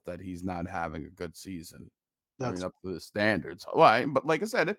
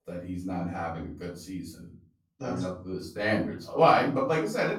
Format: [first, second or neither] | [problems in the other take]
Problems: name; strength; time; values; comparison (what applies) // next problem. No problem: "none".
first | off-mic speech; far // room echo; noticeable; dies away in 0.4 s